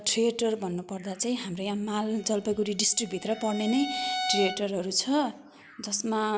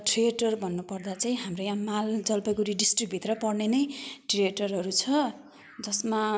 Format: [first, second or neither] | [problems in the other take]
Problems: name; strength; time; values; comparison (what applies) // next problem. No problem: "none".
second | background sound (Bowed string instrument); 8 dB below the speech